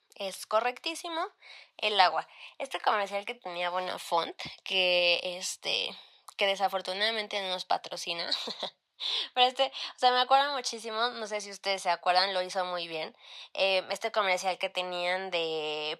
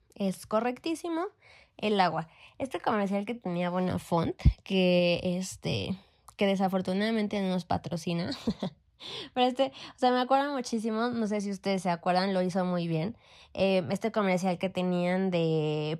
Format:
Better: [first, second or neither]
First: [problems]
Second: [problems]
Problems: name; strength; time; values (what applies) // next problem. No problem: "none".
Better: second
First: thin; very; fading below 750 Hz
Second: none